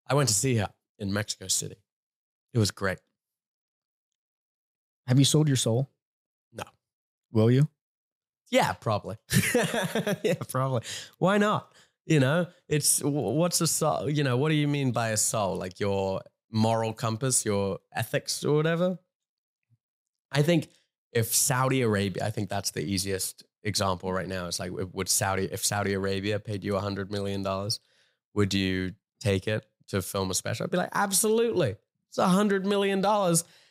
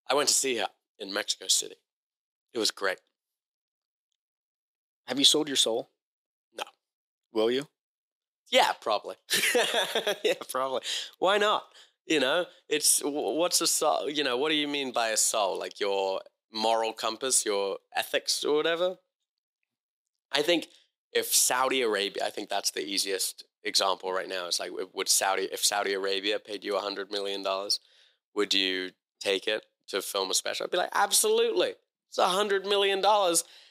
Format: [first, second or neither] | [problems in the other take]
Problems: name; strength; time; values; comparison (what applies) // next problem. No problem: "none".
first | thin; somewhat; fading below 350 Hz